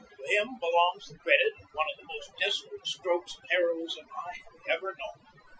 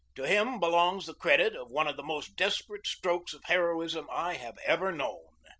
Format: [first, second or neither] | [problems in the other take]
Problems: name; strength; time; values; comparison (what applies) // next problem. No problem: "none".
second | noise reduction (classical method Wiener filter)